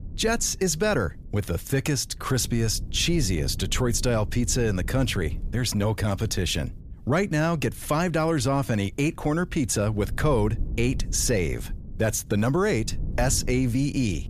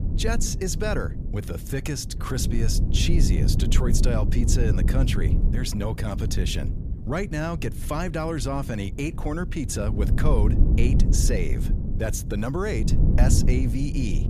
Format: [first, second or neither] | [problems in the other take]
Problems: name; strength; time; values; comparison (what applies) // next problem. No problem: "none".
first | low rumble; loud; throughout; 7 dB below the speech; faint in the first